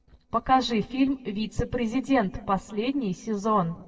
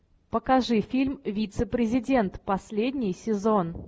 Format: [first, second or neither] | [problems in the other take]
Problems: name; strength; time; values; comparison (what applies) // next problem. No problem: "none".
second | noise reduction (neural separator model SepFormer DNS4)